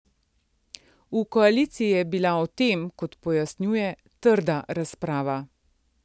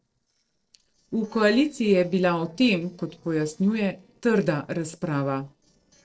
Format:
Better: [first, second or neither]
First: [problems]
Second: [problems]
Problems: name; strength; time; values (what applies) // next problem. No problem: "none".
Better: first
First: none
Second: noise reduction (neural separator model SepFormer DNS4)